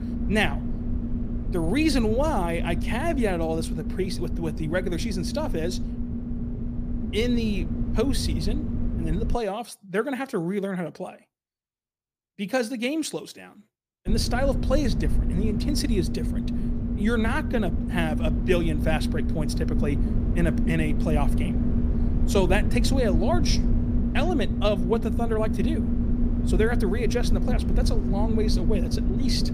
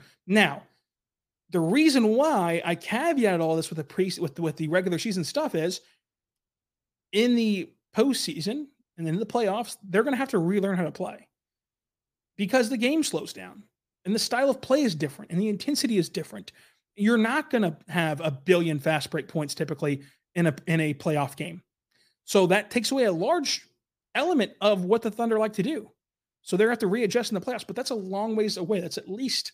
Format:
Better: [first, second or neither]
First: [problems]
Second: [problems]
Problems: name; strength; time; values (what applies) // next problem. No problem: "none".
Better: second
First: low rumble; loud; until 9.5 s and from 14 s on; 7 dB below the speech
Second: none